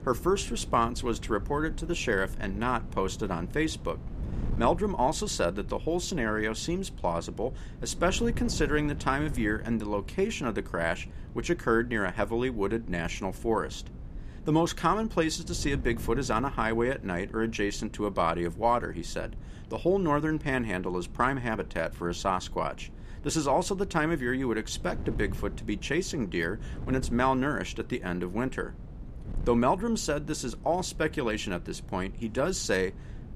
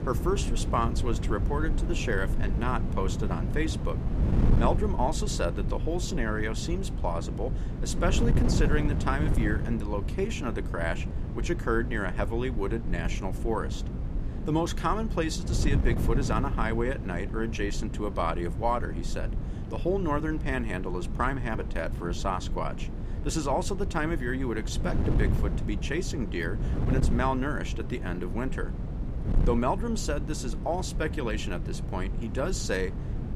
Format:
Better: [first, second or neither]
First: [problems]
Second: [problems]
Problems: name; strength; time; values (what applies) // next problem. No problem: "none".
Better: first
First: wind noise on the microphone; occasional gusts; 20 dB below the speech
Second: wind noise on the microphone; heavy; 10 dB below the speech